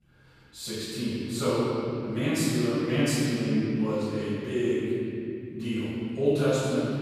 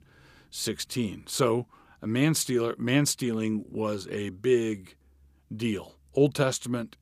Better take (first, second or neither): second